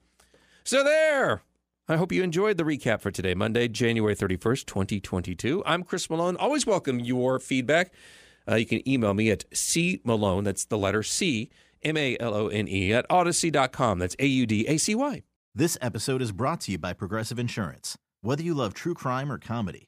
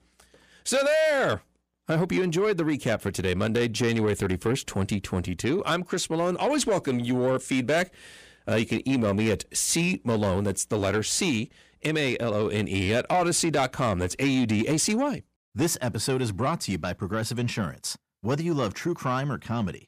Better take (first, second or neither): first